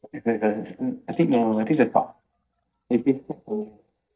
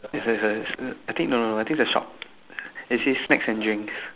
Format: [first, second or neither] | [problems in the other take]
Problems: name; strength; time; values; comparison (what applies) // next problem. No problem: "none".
second | noise reduction (neural mask model DeepFilterNet 3)